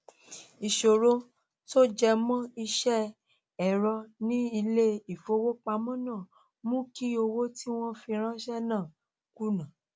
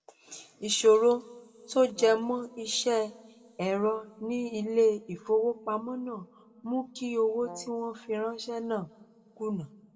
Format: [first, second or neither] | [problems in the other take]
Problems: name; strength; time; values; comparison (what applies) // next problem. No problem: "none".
first | background sound (Brass instrument); 18 dB below the speech // room echo; dies away in 1.4 s